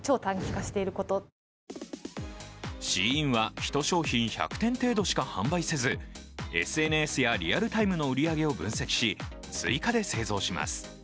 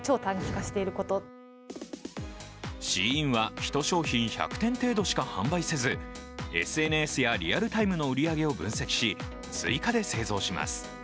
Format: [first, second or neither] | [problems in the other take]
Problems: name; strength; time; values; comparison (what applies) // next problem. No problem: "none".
first | background sound (Wind instrument, woodwind instrument); 17 dB below the speech